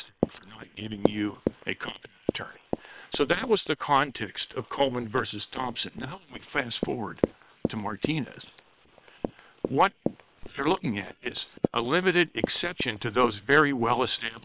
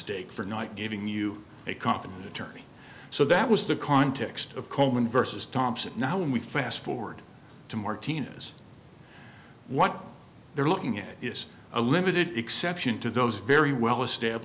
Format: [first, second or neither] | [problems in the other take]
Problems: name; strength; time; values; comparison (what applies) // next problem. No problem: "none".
second | noise reduction (neural separator model SepFormer WHAM!)